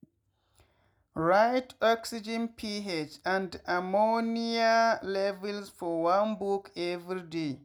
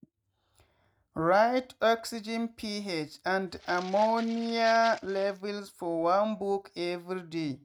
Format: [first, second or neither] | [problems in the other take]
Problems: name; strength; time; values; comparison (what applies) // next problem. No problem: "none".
first | noise reduction (neural mask model RNNoise)